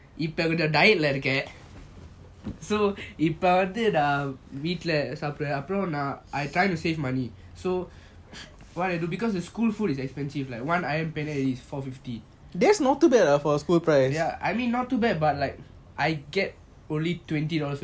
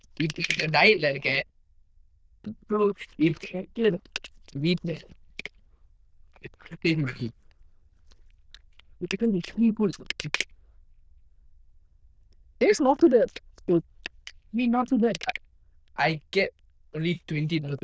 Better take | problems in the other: first | noise reduction (neural diffusion model UNIVERSE++)

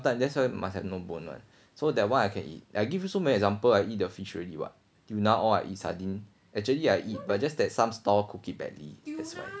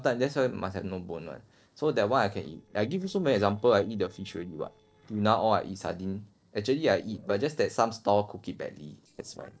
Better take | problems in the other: first | noise reduction (neural separator model SepFormer DNS4)

